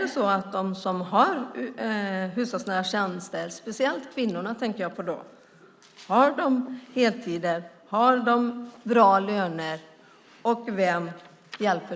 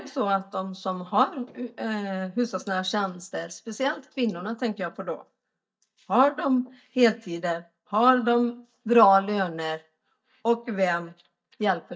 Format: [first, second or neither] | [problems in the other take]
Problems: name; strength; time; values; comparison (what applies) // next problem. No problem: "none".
first | noise reduction (neural mask model DeepFilterNet 3)